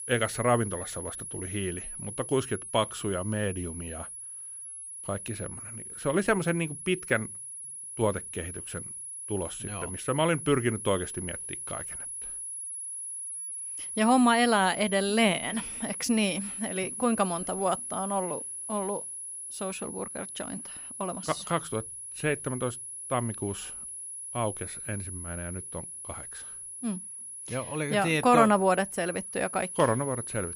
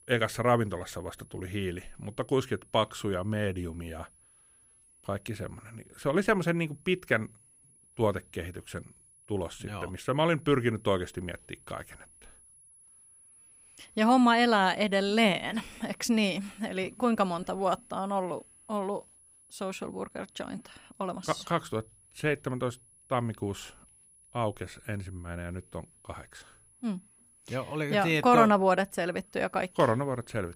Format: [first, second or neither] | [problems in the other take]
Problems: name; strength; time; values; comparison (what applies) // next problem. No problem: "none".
second | high-pitched whine; loud; throughout; 10.5 kHz, 7 dB below the speech; faint in the second